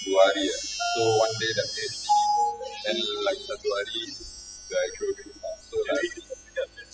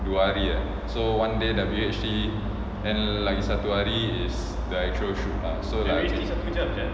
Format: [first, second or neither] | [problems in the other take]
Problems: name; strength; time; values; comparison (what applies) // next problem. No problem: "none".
second | noise reduction (classical method spectral subtraction)